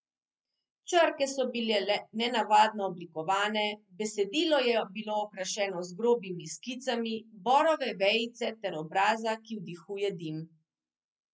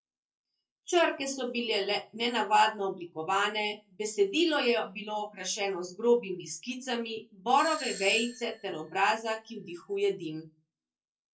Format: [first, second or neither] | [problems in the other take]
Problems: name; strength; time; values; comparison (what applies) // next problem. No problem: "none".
first | noise reduction (neural separator model SepFormer DNS4)